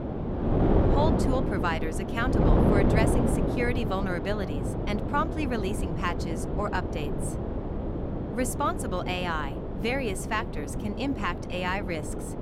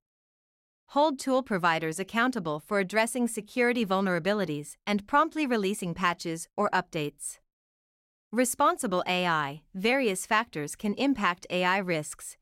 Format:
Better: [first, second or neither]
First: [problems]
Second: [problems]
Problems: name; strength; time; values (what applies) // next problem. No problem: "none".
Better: second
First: wind noise on the microphone; heavy; 2 dB below the speech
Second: none